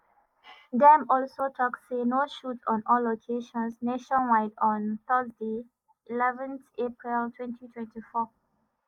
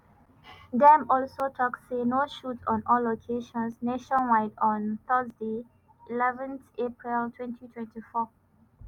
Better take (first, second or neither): second